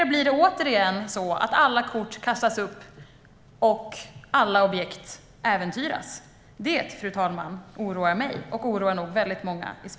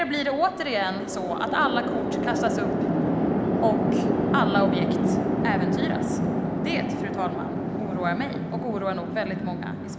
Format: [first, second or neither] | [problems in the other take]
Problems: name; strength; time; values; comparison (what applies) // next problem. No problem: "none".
first | background sound (Chatter / Traffic noise, roadway noise / Train); 3 dB above the speech